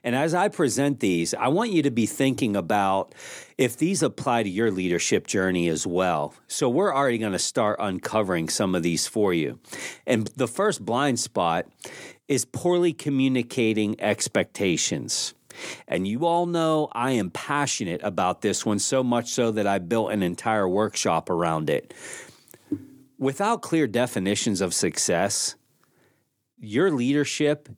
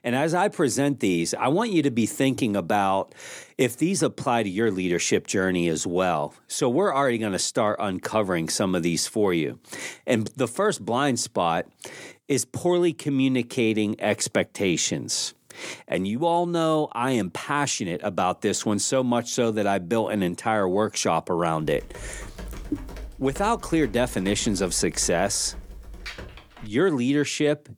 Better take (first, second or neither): first